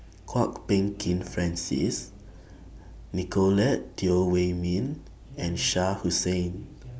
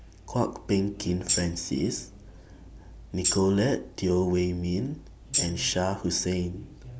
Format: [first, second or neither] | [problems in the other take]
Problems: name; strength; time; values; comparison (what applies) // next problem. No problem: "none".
first | background sound (Tambourine); 4 dB below the speech